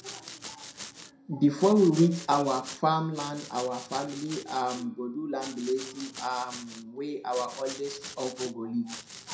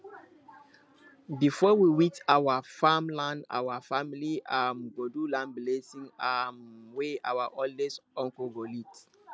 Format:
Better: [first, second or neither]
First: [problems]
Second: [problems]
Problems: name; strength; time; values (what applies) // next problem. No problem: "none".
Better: second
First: background sound (Domestic sounds, home sounds); 14 dB below the speech // room echo; dies away in 0.4 s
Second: none